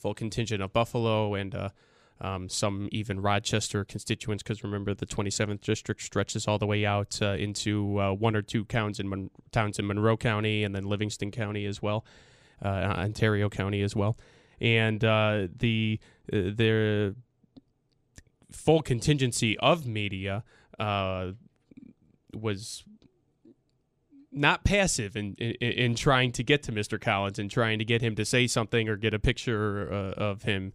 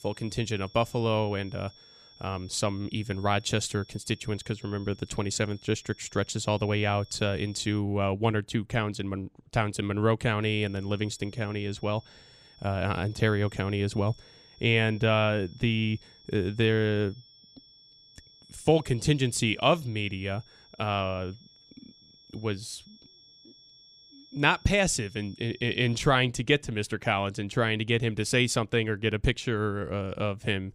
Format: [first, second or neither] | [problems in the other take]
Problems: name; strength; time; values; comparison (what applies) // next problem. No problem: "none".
first | high-pitched whine; faint; until 8 s and from 10 to 26 s; 5.5 kHz, 25 dB below the speech